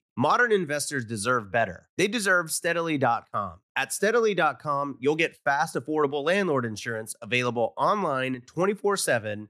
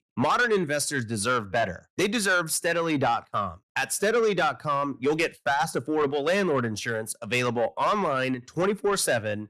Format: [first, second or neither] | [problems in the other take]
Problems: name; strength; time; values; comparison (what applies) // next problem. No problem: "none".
first | distortion; slight; 10 dB below the speech